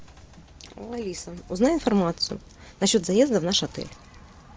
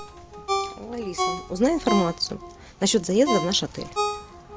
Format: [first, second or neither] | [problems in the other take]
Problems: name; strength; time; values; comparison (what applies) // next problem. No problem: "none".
first | background sound (Ringtone); 5 dB below the speech